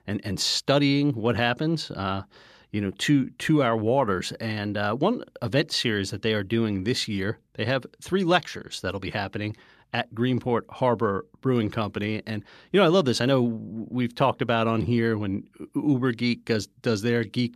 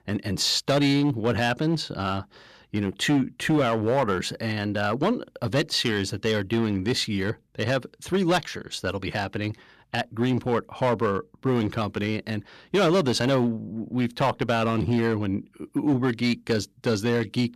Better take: first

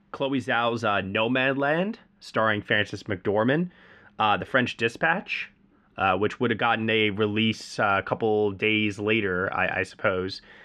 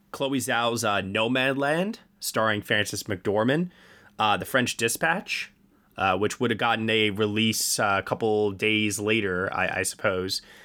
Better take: second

